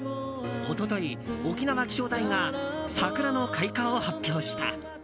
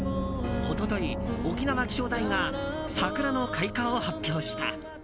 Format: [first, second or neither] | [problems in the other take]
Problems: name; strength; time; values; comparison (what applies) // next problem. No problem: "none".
first | background sound (Gong); 6 dB below the speech